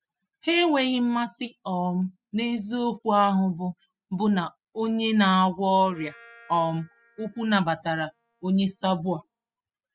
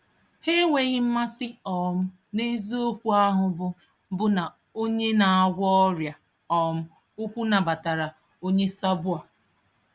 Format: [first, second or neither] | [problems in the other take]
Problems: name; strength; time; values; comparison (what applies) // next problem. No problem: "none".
second | noise reduction (classical method spectral subtraction)